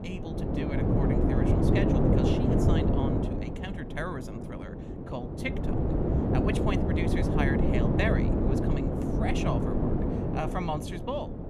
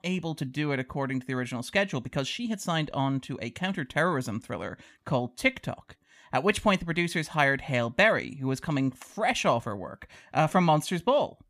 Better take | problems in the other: second | wind noise on the microphone; heavy; 4 dB above the speech

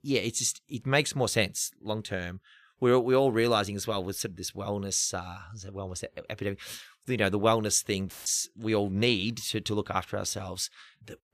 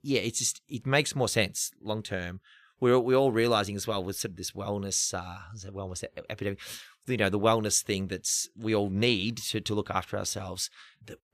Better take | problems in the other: second | audio cutting out; filled with static; at 8 s

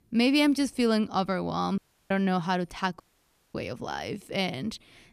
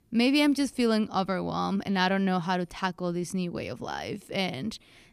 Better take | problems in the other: second | audio cutting out; at 2 s and at 3 s for 0.5 s

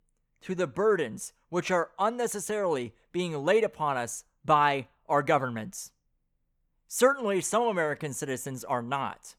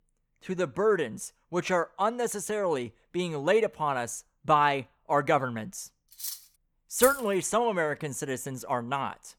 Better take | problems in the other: first | clattering dishes; noticeable; at 6 s; peak 8 dB below the speech // jangling keys; noticeable; at 7 s; peak 3 dB below the speech

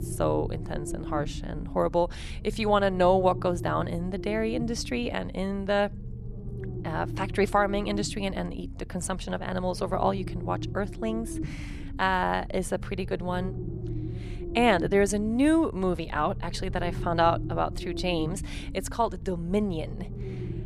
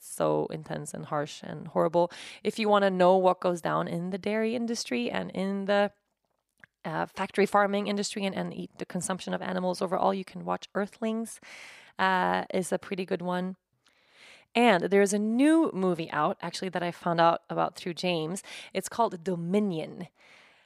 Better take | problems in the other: second | low rumble; noticeable; throughout; 15 dB below the speech

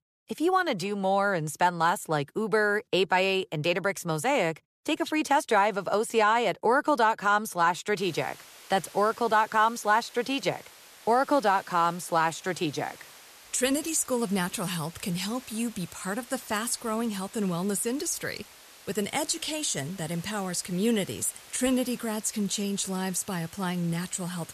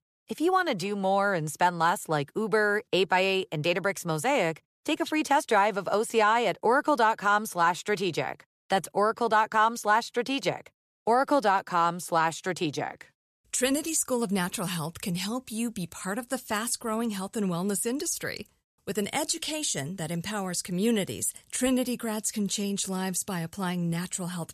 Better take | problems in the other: second | hiss; faint; from 8 s on; 20 dB below the speech

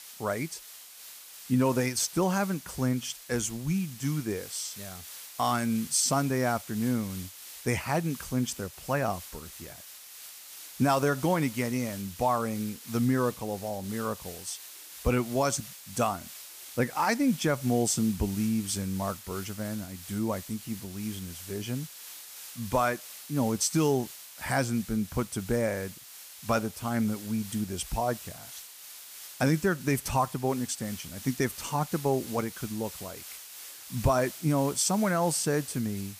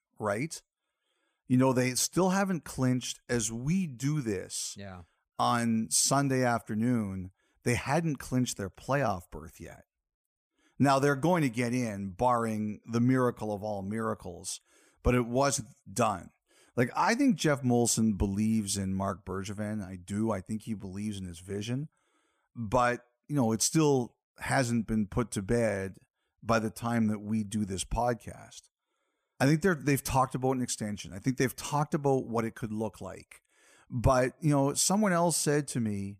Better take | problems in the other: second | hiss; noticeable; throughout; 15 dB below the speech

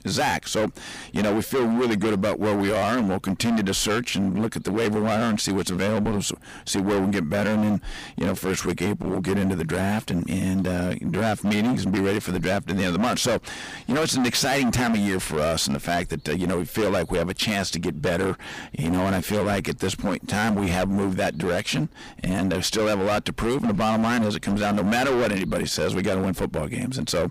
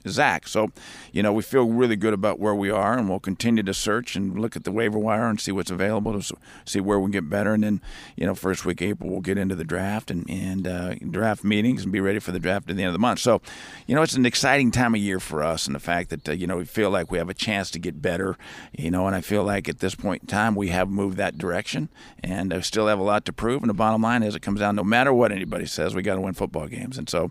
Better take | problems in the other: second | distortion; heavy; 23% of the sound clipped

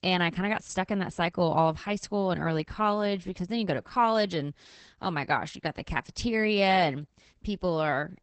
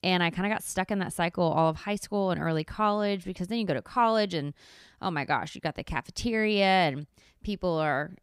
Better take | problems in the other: second | garbled, watery; badly; nothing above 8 kHz

